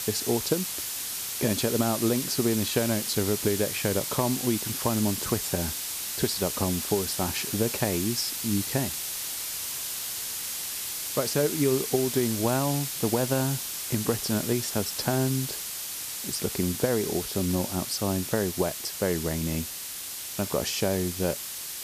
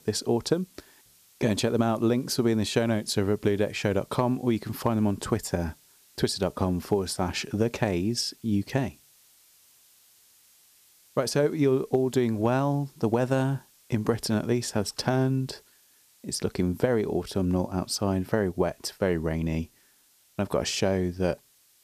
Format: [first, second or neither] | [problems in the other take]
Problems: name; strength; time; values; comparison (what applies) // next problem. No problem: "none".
second | hiss; loud; throughout; 2 dB below the speech; faint in the second